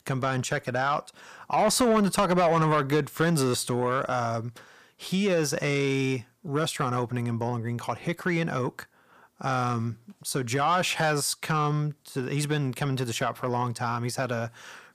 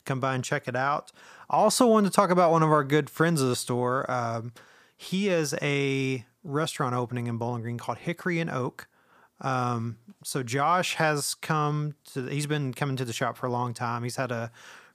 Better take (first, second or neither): second